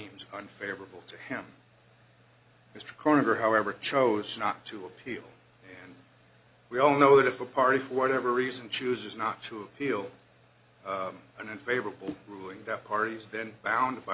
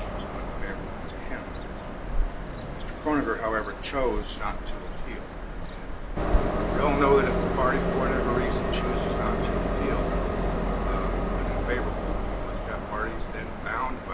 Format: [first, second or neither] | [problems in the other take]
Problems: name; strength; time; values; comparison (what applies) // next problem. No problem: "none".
first | background sound (Train); 4 dB above the speech // room echo; dies away in 0.2 s